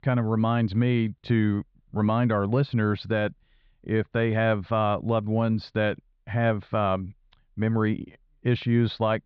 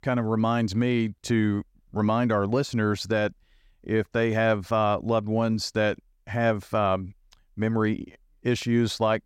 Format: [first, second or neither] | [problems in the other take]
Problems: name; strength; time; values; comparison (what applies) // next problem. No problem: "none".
second | muffled; slightly; fading above 4 kHz